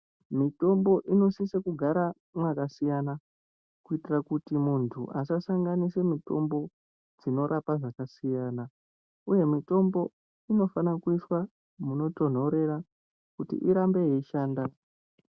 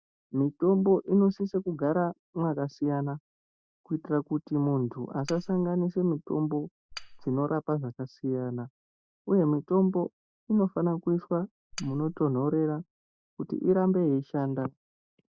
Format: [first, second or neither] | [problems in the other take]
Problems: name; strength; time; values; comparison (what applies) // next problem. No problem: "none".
first | noise reduction (neural mask model DeepFilterNet 3)